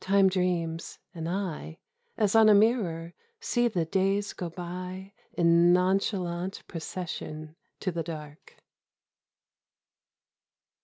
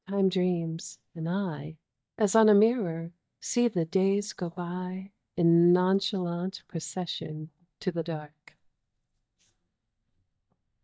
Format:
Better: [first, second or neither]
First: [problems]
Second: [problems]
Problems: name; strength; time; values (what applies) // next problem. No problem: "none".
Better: first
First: none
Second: noise reduction (neural mask model DeepFilterNet 3)